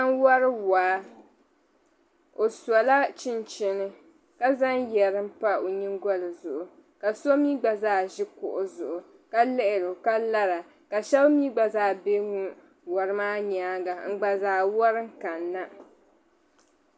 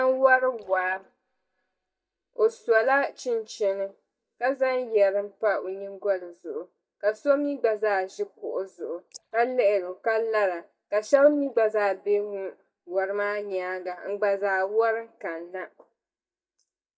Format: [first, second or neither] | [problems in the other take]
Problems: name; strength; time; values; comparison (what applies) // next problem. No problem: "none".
first | noise reduction (neural mask model DeepFilterNet 3)